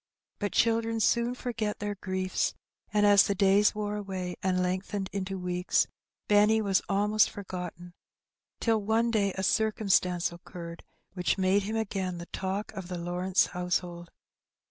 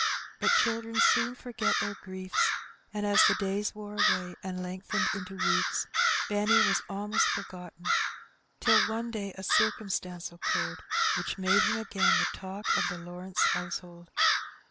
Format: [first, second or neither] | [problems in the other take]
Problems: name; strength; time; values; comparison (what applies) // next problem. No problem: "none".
first | background sound (Crow); 4 dB above the speech